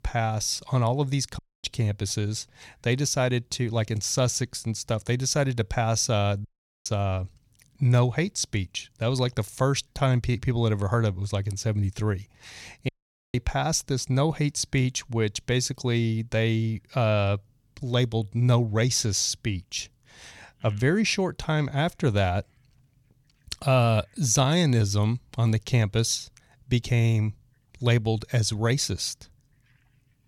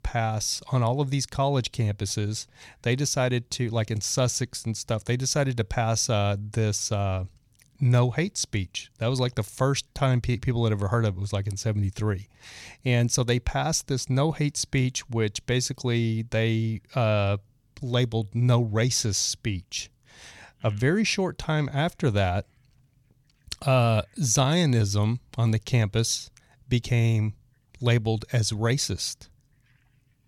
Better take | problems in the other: second | audio cutting out; at 1.5 s, at 6.5 s and at 13 s

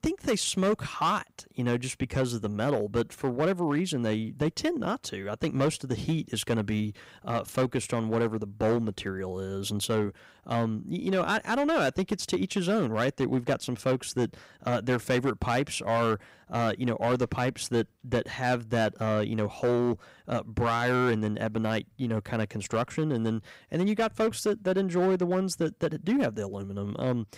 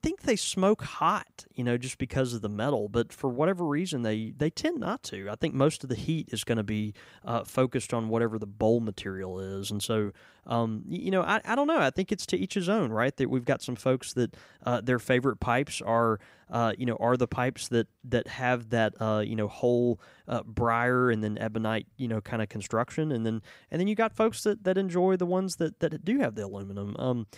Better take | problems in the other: second | distortion; slight; 7% of the sound clipped

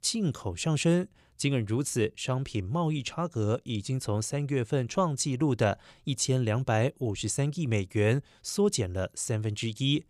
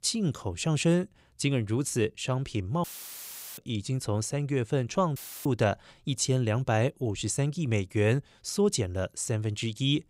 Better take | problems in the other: first | audio cutting out; filled with static; at 3 s for 0.5 s and at 5 s

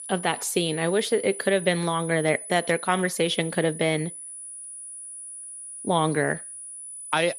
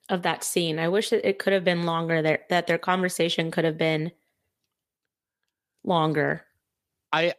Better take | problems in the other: second | high-pitched whine; noticeable; throughout; 10 kHz, 10 dB below the speech

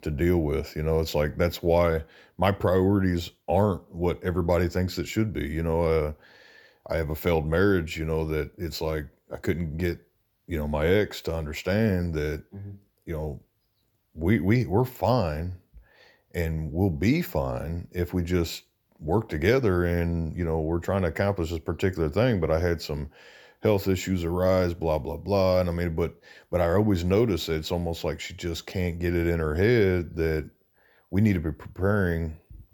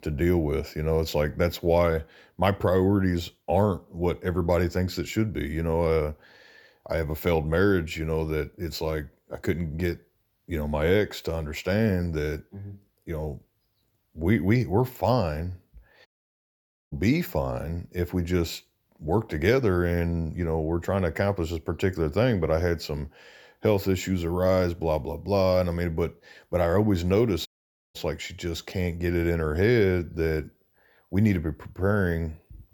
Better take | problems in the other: first | audio cutting out; at 16 s for 1 s and at 27 s

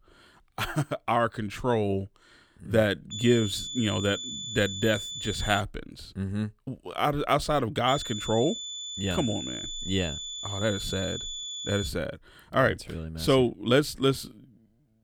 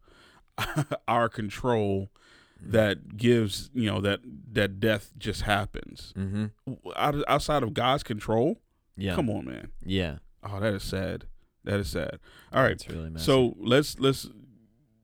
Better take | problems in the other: second | high-pitched whine; loud; from 3 to 5.5 s and from 8 to 12 s; 3.5 kHz, 6 dB below the speech

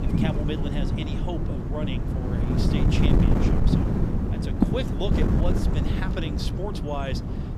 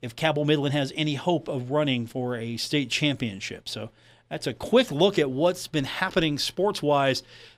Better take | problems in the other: second | wind noise on the microphone; heavy; 2 dB above the speech

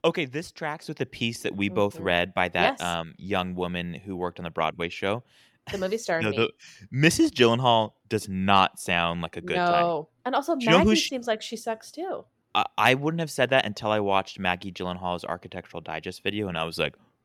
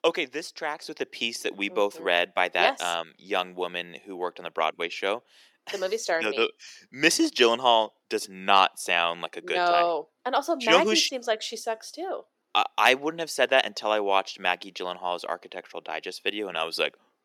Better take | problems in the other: first | thin; somewhat; fading below 350 Hz

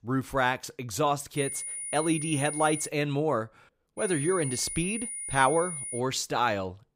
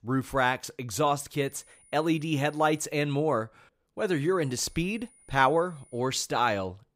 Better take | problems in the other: second | high-pitched whine; loud; from 1.5 to 3 s and from 4 to 6 s; 9.5 kHz, 5 dB below the speech; faint in the second

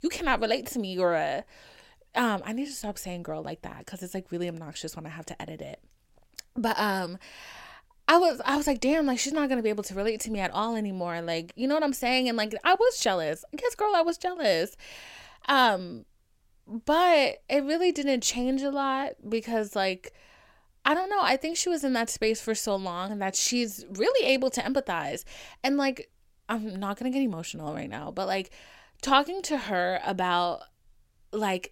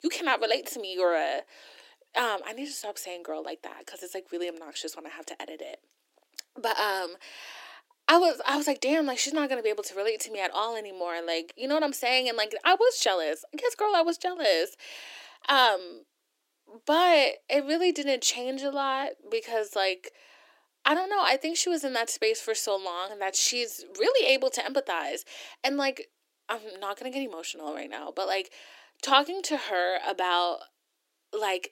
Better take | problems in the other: first | thin; somewhat; fading below 300 Hz

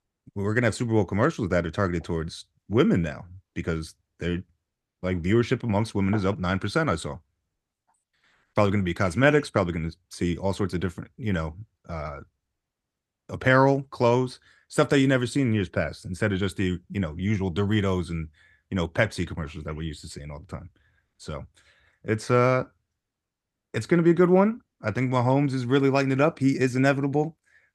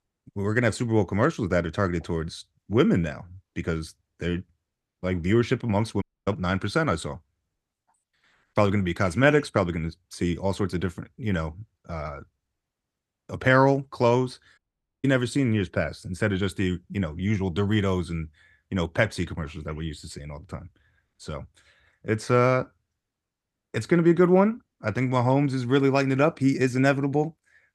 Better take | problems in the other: first | audio cutting out; at 6 s and at 15 s

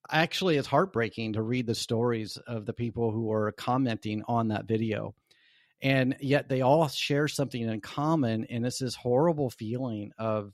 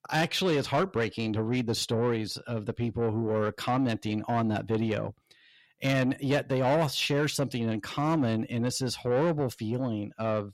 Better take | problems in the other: first | distortion; slight; 10 dB below the speech

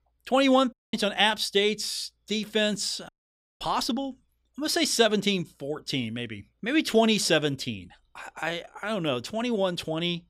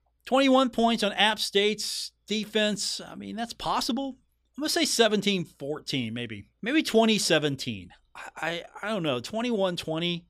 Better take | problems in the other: second | audio cutting out; at 0.5 s and at 3 s for 0.5 s

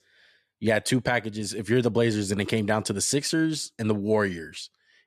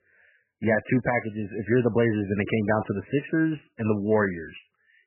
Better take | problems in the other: first | garbled, watery; badly; nothing above 3 kHz

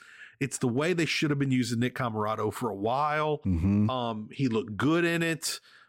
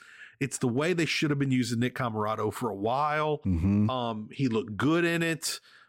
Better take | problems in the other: neither | none

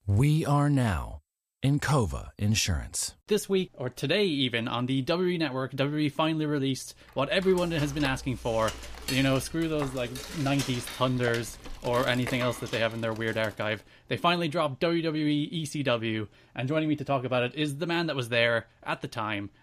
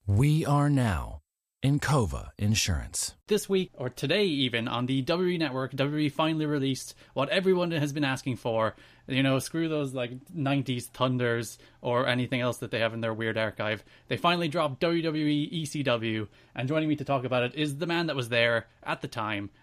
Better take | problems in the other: second | clattering dishes; noticeable; from 7.5 to 14 s; peak 7 dB below the speech

